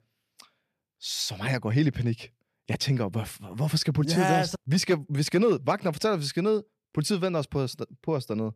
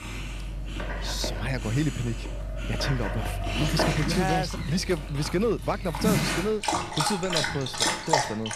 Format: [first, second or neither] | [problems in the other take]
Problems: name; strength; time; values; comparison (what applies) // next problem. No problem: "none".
first | animal sounds; loud; throughout; as loud as the speech